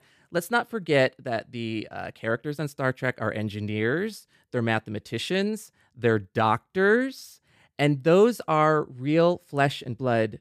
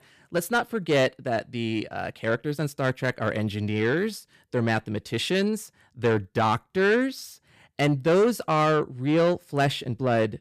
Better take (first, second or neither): first